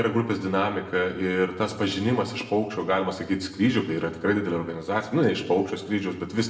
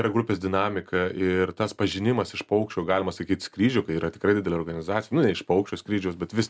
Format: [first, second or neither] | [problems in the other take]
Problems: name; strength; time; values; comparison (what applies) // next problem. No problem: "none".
second | room echo; dies away in 0.9 s